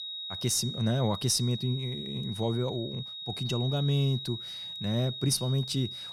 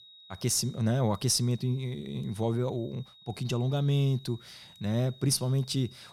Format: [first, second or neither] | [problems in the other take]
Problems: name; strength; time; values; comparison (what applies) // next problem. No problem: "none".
second | high-pitched whine; loud; throughout; 4 kHz, 7 dB below the speech; faint in the second